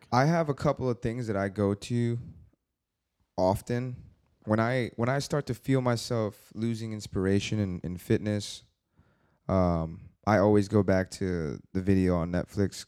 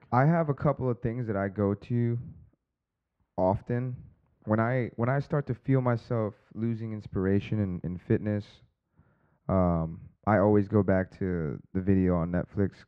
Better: first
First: none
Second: muffled; very; fading above 1.5 kHz

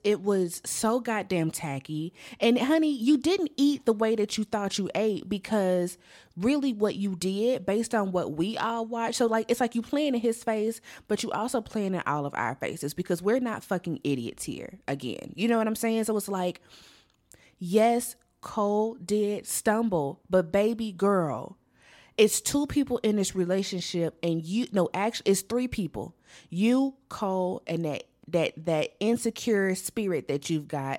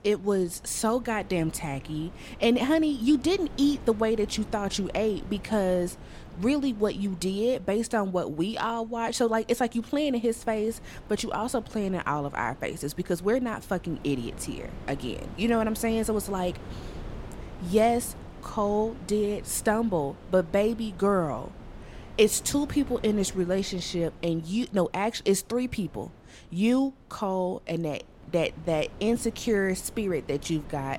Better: first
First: none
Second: wind noise on the microphone; occasional gusts; 20 dB below the speech

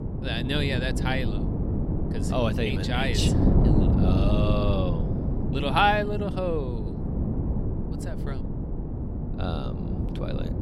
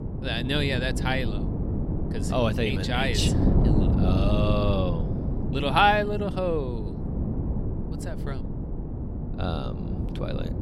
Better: second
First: wind noise on the microphone; heavy; 8 dB below the speech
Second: wind noise on the microphone; occasional gusts; 10 dB below the speech

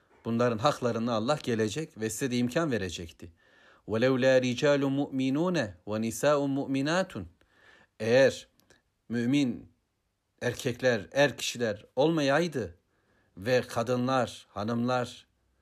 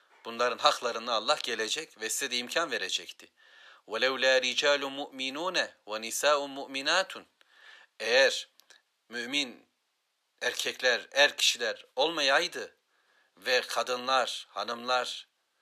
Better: first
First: none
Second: thin; very; fading below 750 Hz

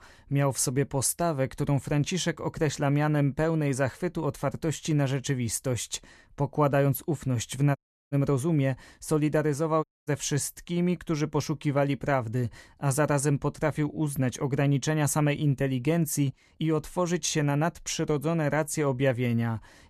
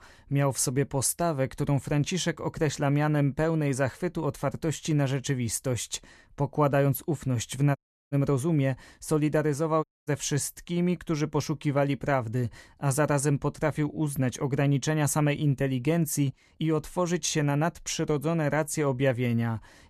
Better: neither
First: audio cutting out; at 8 s and at 10 s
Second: audio cutting out; at 8 s and at 10 s

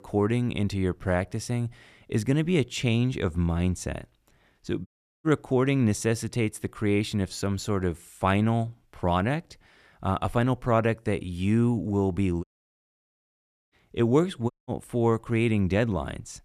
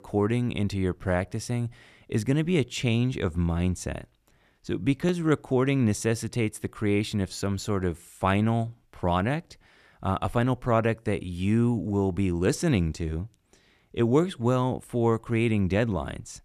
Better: second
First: audio cutting out; at 5 s, at 12 s for 1.5 s and at 15 s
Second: none

